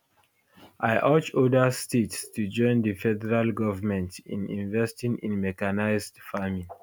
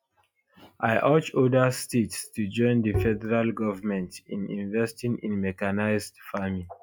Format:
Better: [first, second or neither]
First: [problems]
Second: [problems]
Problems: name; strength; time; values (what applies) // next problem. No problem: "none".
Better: first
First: none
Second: noise reduction (classical method log-MMSE)